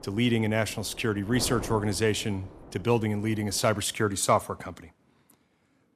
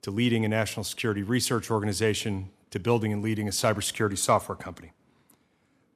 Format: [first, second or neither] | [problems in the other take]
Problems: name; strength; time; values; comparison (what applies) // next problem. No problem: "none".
second | wind noise on the microphone; occasional gusts; until 3.5 s; 15 dB below the speech